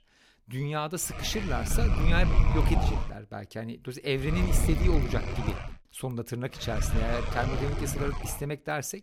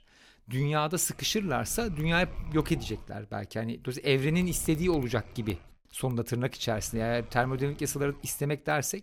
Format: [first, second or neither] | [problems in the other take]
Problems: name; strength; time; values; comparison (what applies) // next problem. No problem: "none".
second | low rumble; loud; from 1 to 3 s, from 4.5 to 5.5 s and from 6.5 to 8.5 s; 3 dB below the speech; faint in the second